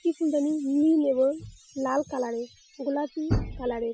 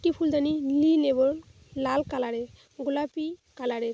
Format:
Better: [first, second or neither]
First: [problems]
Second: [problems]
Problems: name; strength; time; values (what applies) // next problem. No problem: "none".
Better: second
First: noise reduction (classical method Wiener filter)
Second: none